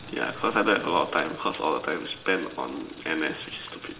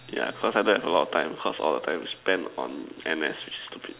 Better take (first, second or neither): second